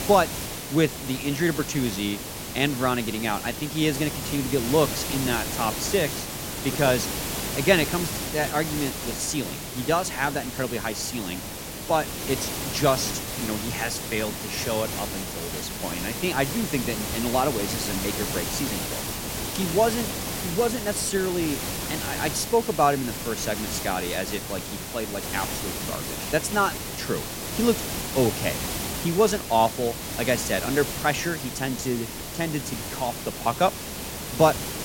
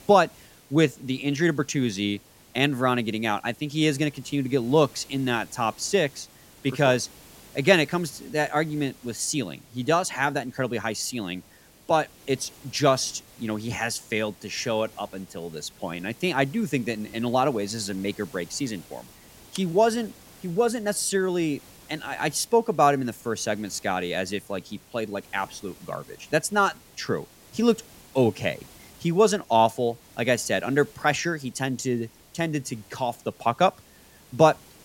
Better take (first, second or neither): second